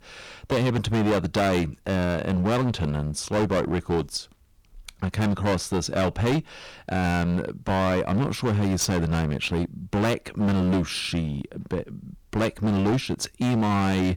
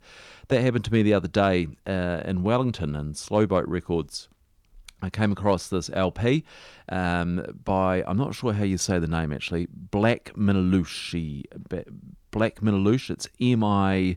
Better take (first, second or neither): second